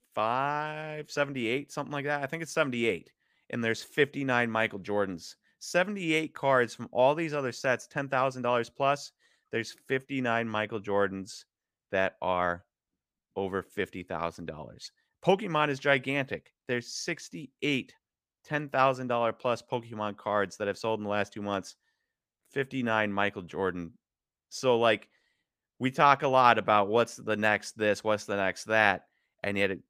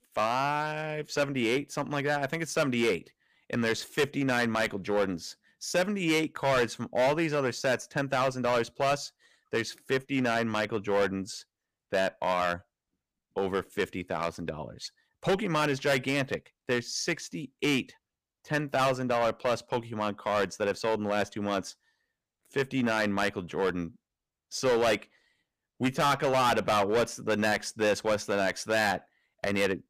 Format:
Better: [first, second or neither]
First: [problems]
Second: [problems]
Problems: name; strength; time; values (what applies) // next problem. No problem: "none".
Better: first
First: none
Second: distortion; heavy; 7% of the sound clipped